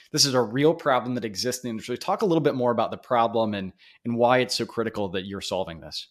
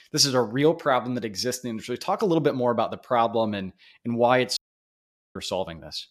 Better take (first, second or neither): first